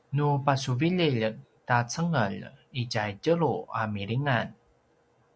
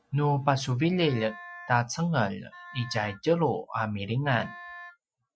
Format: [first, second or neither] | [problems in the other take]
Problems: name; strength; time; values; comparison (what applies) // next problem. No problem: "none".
first | noise reduction (classical method Wiener filter)